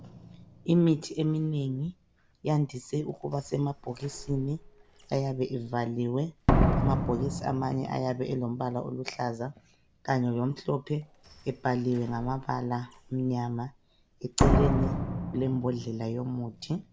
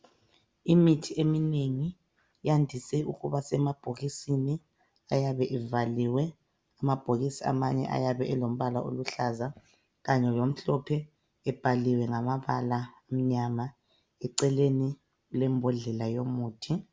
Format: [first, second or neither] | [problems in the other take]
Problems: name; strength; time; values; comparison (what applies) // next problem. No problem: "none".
second | background sound (Slam); 3 dB below the speech